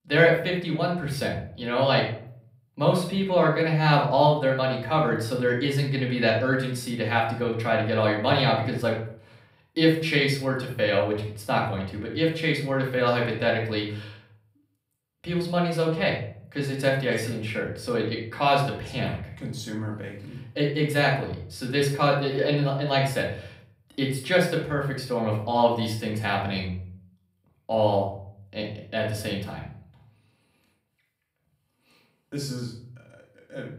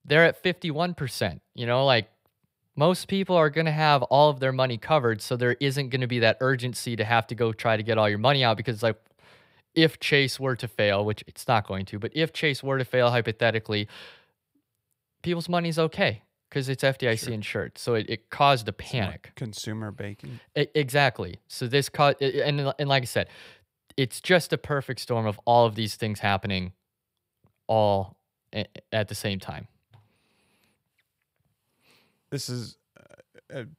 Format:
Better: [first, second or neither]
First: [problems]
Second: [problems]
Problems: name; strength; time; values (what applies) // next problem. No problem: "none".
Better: second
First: off-mic speech; far // room echo; noticeable; dies away in 0.5 s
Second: none